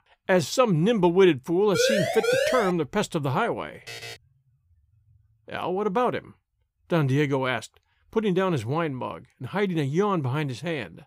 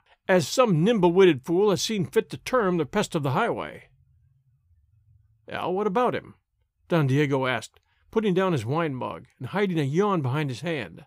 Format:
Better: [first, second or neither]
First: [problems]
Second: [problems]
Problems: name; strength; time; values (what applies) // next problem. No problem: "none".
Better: second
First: siren; loud; at 1.5 s; peak 1 dB above the speech // alarm; faint; at 4 s; peak 15 dB below the speech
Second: none